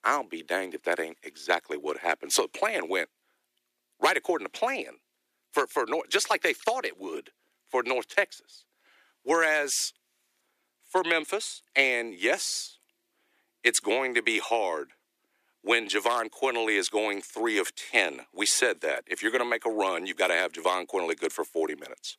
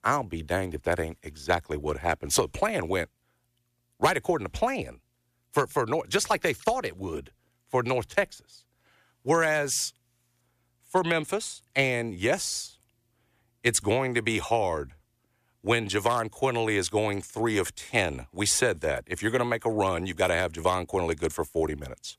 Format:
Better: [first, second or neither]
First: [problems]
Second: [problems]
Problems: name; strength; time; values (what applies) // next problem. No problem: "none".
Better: second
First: thin; somewhat; fading below 300 Hz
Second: none